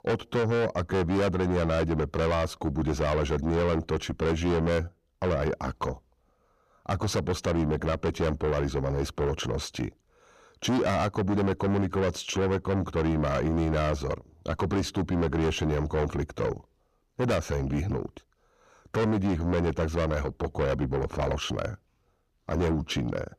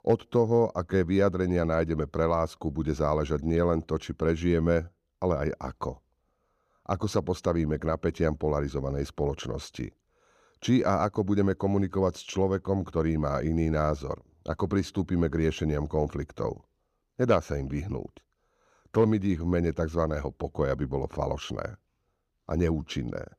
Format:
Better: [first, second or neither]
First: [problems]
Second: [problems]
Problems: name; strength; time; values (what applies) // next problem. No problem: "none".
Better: second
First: distortion; heavy; 5 dB below the speech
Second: none